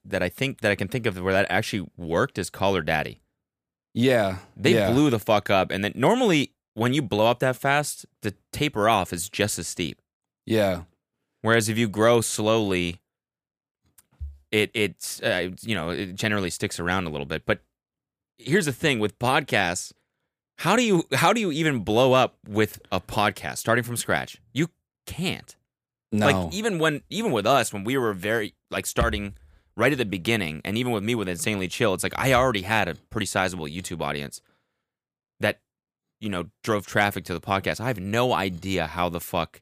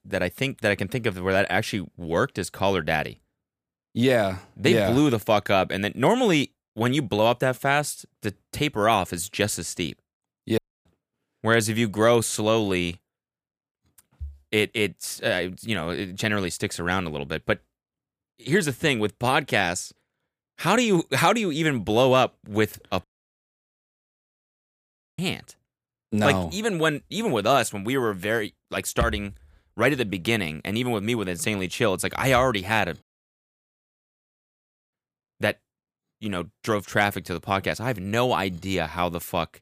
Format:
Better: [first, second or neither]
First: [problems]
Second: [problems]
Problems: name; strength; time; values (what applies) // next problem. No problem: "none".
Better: first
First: none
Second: audio cutting out; at 11 s, at 23 s for 2 s and at 33 s for 2 s